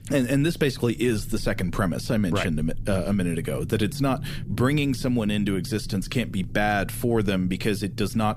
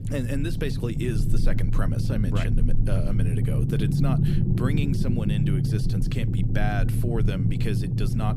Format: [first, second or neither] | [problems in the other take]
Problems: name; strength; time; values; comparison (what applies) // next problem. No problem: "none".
first | low rumble; loud; throughout; 1 dB below the speech; faint in the first